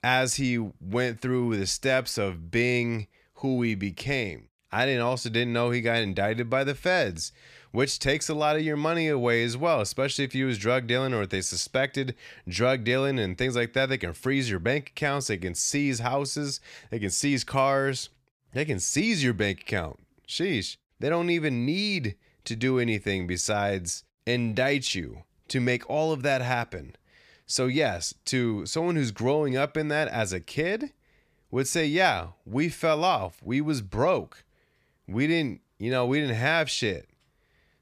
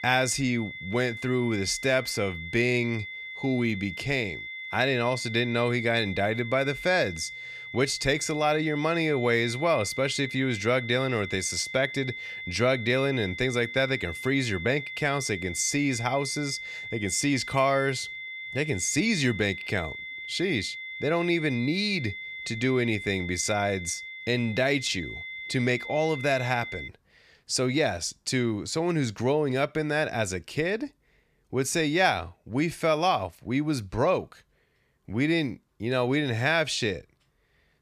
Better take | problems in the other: first | high-pitched whine; loud; until 27 s; 2 kHz, 9 dB below the speech

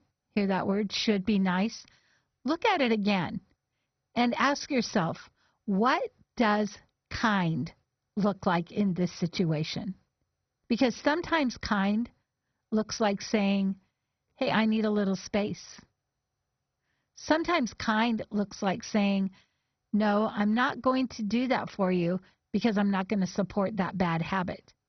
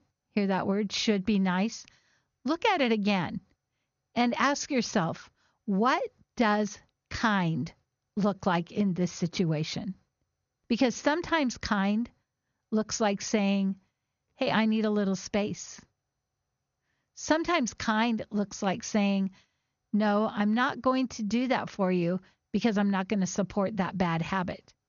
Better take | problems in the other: second | garbled, watery; badly; nothing above 6 kHz; slightly in the second

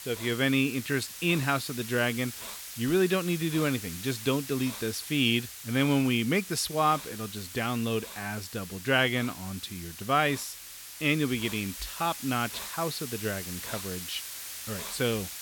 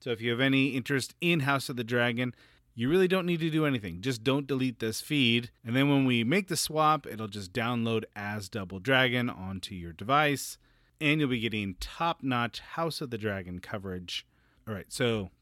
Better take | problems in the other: second | hiss; loud; throughout; 10 dB below the speech

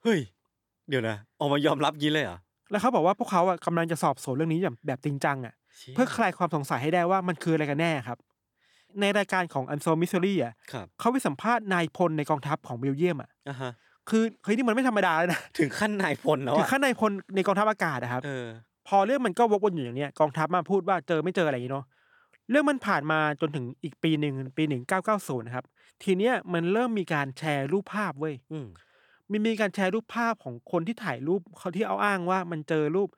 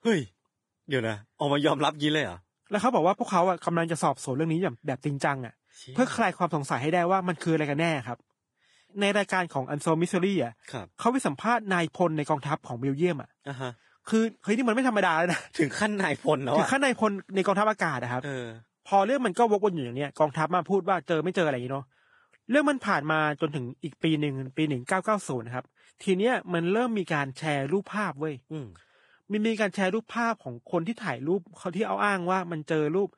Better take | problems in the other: first | garbled, watery; badly; nothing above 10.5 kHz

